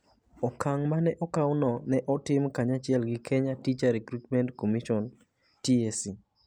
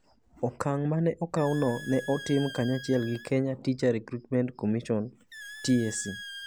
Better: first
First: none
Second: background sound (Squeak); 16 dB below the speech

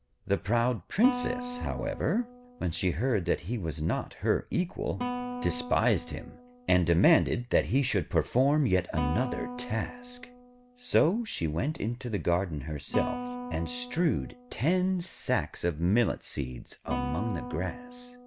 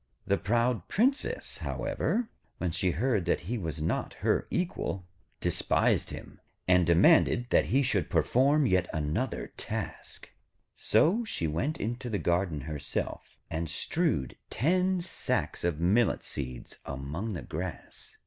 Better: second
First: background sound (Guitar); 11 dB below the speech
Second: none

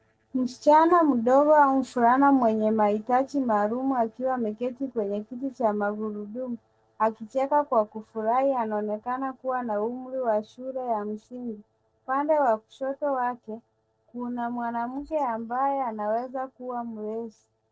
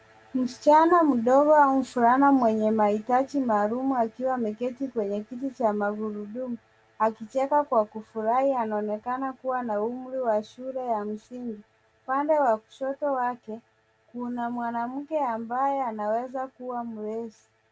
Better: second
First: noise reduction (neural separator model SepFormer DNS4)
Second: none

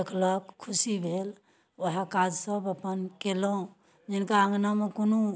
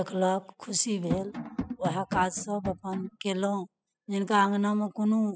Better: first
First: none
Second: noise reduction (classical method spectral subtraction)

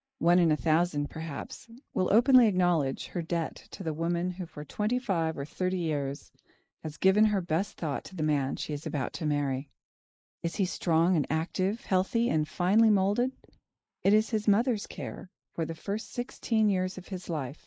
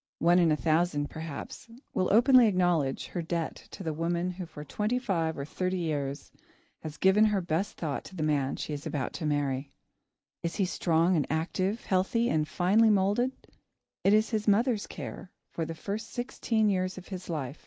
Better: second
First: noise reduction (neural mask model Resemble Enhance denoiser)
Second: none

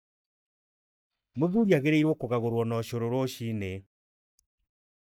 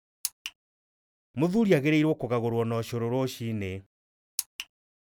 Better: second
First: noise reduction (neural mask model DeepFilterNet 3)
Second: none

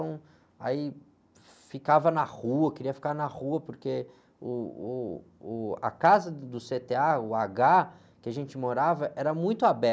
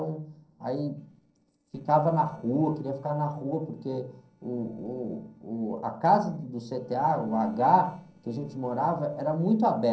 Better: first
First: none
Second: noise reduction (neural separator model SepFormer DNS4)

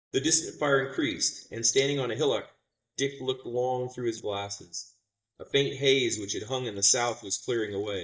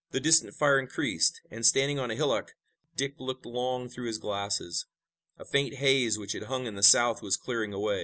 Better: second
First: noise reduction (neural mask model DeepFilterNet 3)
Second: none

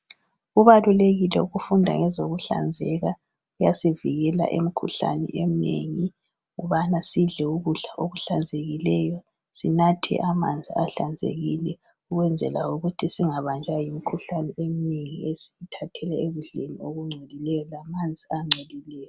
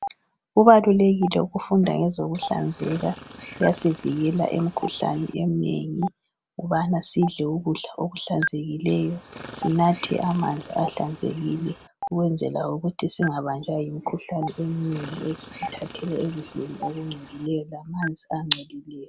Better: first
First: none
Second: background sound (Stream + Chirp, tweet); 14 dB below the speech

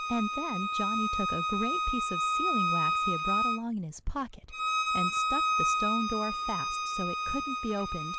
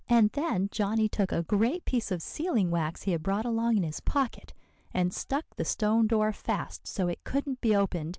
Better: second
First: background sound (Bowed string instrument); 5 dB above the speech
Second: none

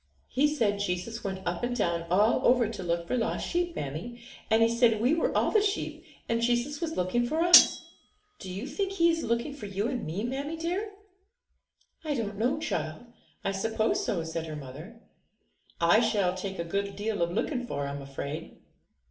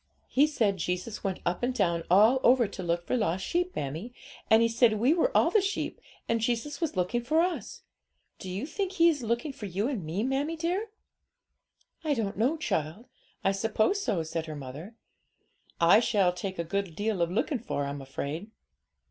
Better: second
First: background sound (Cutlery, silverware); 1 dB above the speech // room echo; dies away in 0.5 s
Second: none

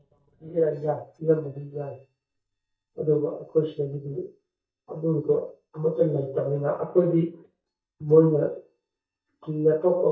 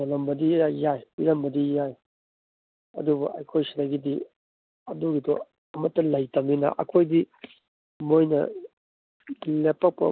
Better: second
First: noise reduction (neural mask model DeepFilterNet 3)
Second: none

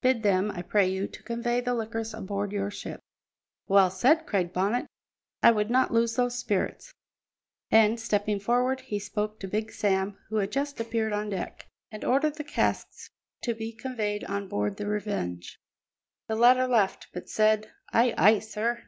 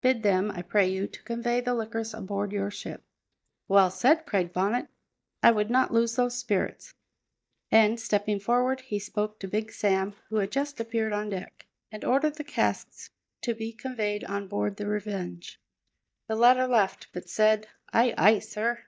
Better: first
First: none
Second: noise reduction (neural mask model DeepFilterNet 3)

